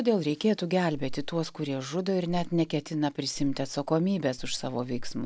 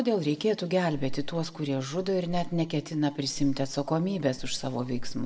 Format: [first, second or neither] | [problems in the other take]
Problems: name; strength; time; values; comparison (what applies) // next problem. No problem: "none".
first | room echo; dies away in 0.7 s